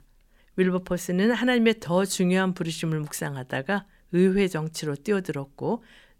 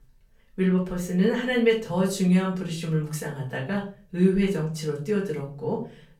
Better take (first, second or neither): first